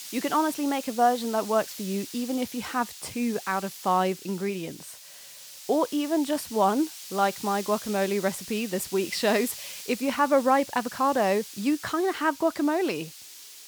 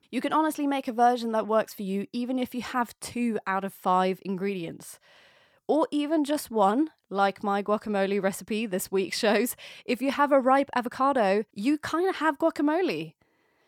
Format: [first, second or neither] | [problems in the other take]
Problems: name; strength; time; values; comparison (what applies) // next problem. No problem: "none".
second | hiss; noticeable; throughout; 15 dB below the speech